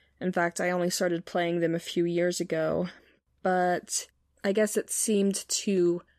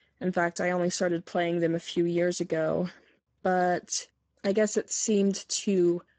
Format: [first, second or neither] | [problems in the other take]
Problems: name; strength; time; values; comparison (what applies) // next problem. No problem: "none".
first | garbled, watery; badly; nothing above 7.5 kHz